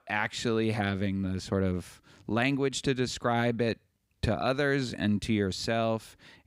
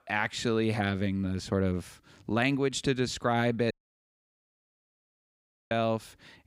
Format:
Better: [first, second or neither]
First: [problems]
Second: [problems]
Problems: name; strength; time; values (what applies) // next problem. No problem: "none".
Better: first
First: none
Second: audio cutting out; at 3.5 s for 2 s